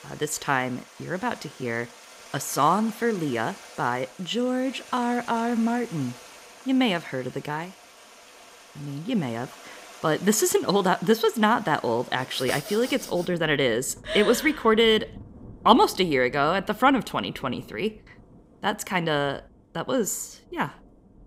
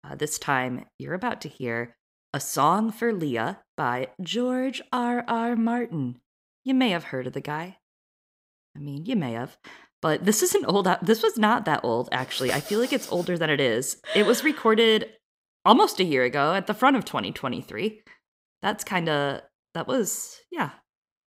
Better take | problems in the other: second | rain or running water; faint; throughout; 20 dB below the speech

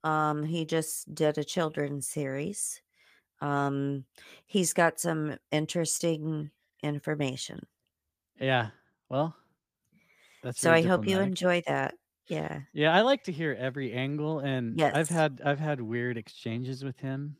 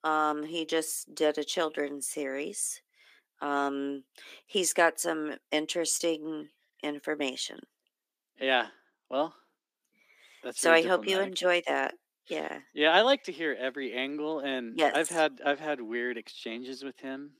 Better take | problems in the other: first | thin; somewhat; fading below 250 Hz

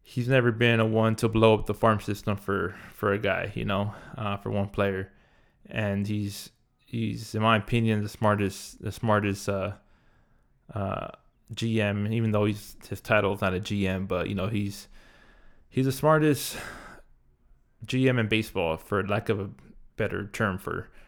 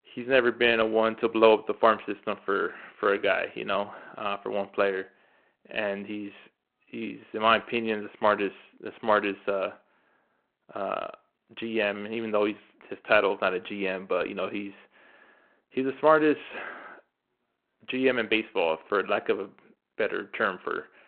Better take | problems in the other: first | phone-call audio

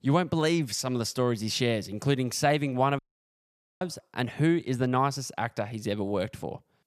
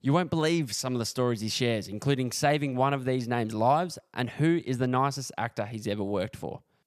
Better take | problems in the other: second | audio cutting out; at 3 s for 1 s

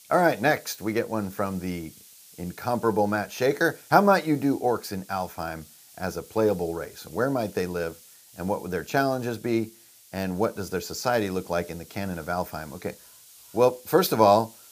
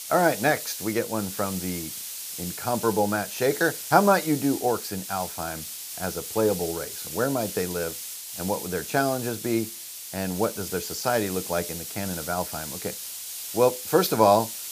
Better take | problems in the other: first | hiss; loud; throughout; 7 dB below the speech; faint in the first

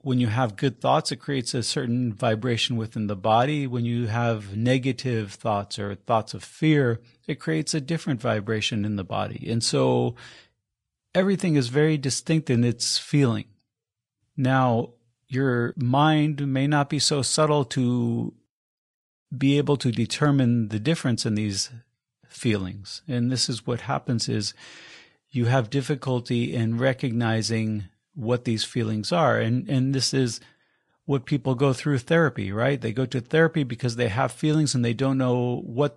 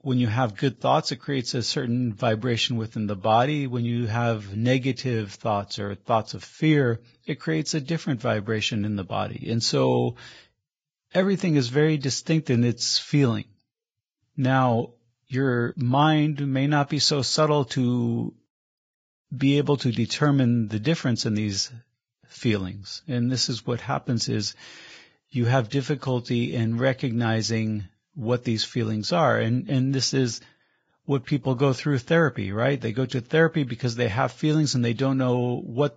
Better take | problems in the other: first | garbled, watery; badly; nothing above 7.5 kHz; slightly in the first

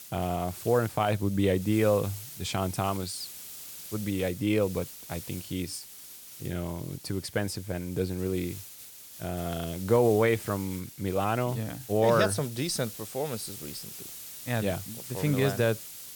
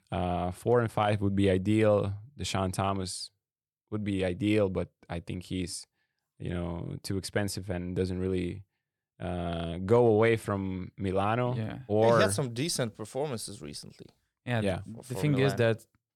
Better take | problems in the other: second | hiss; noticeable; throughout; 10 dB below the speech

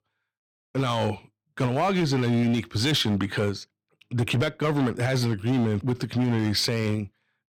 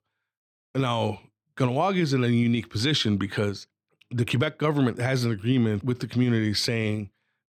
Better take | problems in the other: second | distortion; slight; 10% of the sound clipped

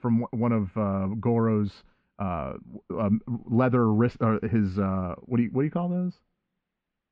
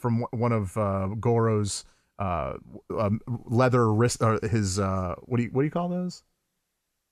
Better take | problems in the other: second | muffled; very; fading above 3 kHz

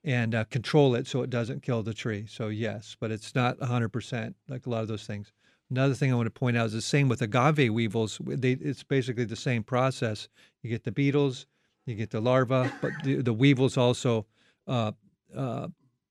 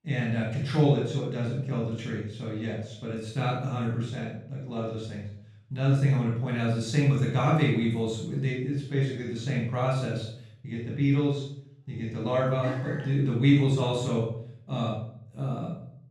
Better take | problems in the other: first | off-mic speech; far // room echo; noticeable; dies away in 0.5 s

